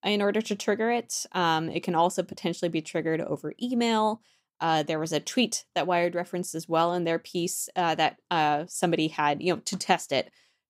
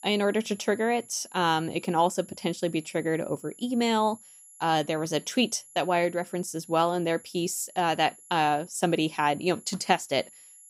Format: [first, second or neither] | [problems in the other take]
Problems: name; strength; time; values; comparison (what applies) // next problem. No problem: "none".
first | high-pitched whine; faint; throughout; 11 kHz, 20 dB below the speech